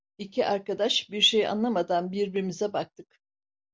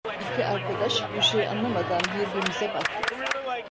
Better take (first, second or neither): first